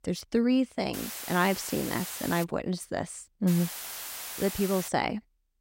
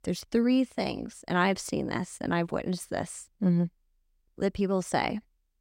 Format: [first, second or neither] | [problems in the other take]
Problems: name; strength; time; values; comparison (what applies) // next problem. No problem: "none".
second | hiss; loud; from 1 to 2.5 s and from 3.5 to 5 s; 7 dB below the speech